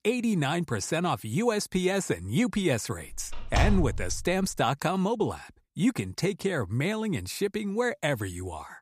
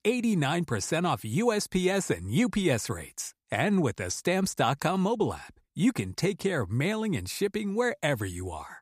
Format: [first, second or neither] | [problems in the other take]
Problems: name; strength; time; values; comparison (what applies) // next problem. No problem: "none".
second | door banging; loud; from 3 to 4.5 s; peak 1 dB above the speech